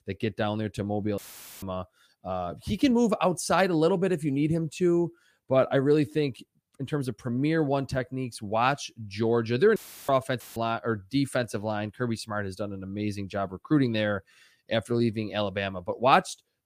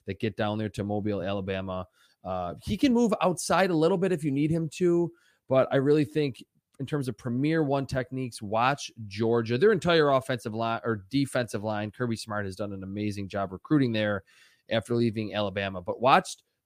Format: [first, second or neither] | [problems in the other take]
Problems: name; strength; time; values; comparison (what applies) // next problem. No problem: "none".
second | audio cutting out; filled with static; at 1 s and at 10 s